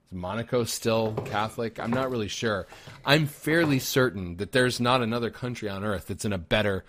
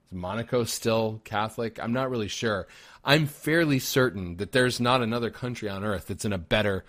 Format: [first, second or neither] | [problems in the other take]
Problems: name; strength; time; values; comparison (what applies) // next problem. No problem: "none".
second | footsteps; noticeable; from 1 to 4 s; peak 9 dB below the speech